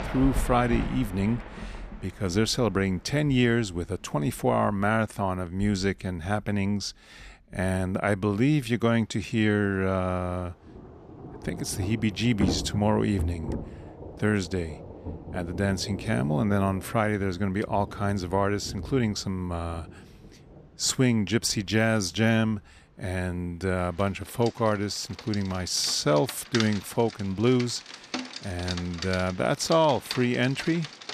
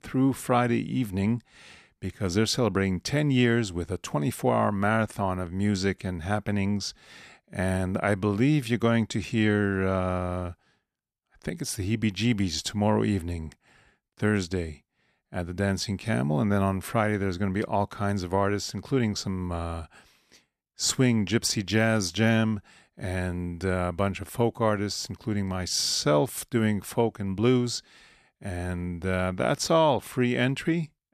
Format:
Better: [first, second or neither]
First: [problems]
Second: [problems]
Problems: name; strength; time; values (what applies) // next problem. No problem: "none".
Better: second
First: rain or running water; noticeable; throughout; 10 dB below the speech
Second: none